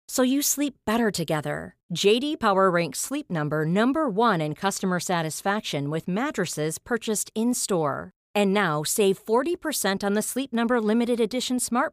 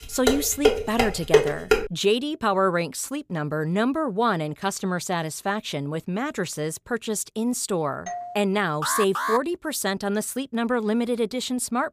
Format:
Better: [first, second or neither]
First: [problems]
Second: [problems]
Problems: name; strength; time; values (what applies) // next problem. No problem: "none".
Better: first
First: none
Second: clattering dishes; loud; until 2 s; peak 5 dB above the speech // doorbell; noticeable; at 8 s; peak 9 dB below the speech // alarm; noticeable; at 9 s; peak level with the speech